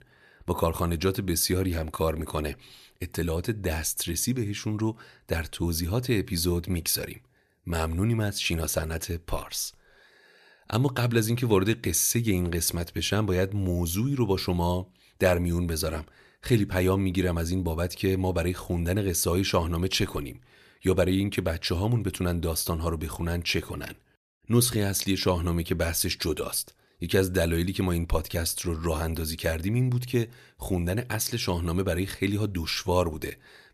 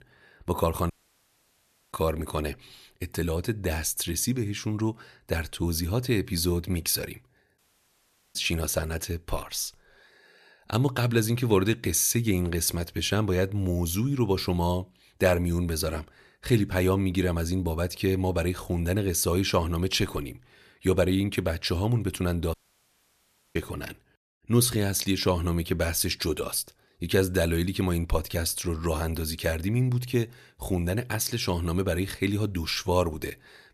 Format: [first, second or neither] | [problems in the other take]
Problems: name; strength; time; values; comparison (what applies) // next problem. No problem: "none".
first | audio cutting out; at 1 s for 1 s, at 7.5 s for 1 s and at 23 s for 1 s